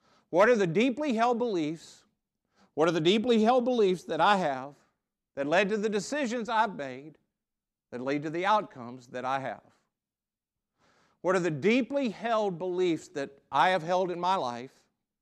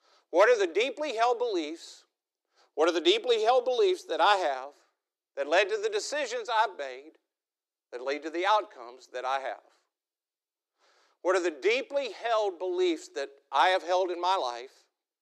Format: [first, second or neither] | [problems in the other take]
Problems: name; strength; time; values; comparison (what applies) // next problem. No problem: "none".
first | thin; very; fading below 350 Hz